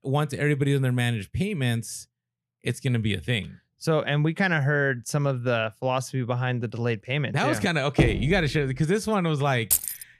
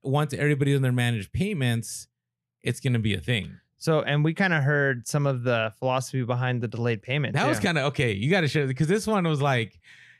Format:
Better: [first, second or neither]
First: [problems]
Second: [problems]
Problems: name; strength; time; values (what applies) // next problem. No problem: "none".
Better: second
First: door banging; noticeable; at 8 s; peak level with the speech // jangling keys; loud; at 9.5 s; peak 2 dB above the speech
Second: none